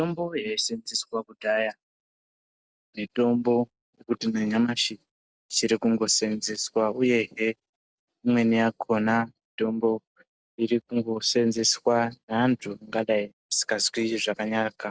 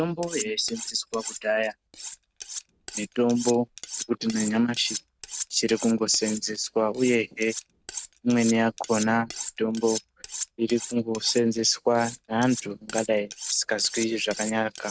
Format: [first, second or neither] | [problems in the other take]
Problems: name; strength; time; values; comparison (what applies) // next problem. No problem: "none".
first | background sound (Cutlery, silverware); 11 dB below the speech